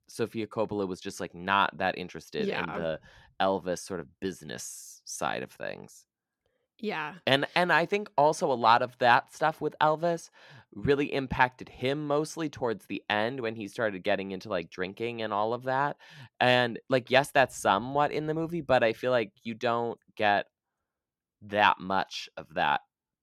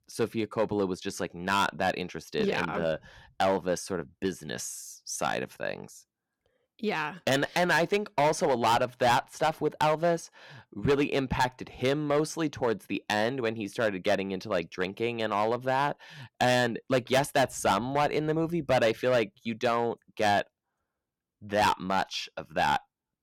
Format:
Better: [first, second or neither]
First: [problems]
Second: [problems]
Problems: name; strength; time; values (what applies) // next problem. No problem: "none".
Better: first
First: none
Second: distortion; heavy; 5% of the sound clipped